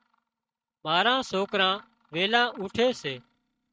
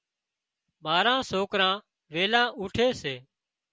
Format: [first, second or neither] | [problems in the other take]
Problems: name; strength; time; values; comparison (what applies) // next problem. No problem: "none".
second | noise reduction (neural mask model RNNoise)